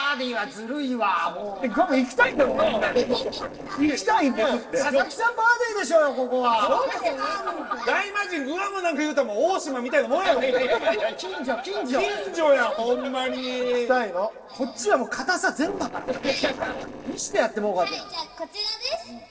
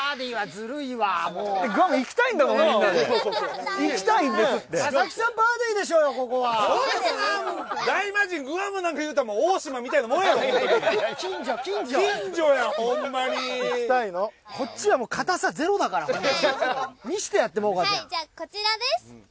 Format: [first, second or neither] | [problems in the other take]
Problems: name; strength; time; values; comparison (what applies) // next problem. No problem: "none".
second | noise reduction (neural separator model SepFormer DNS4)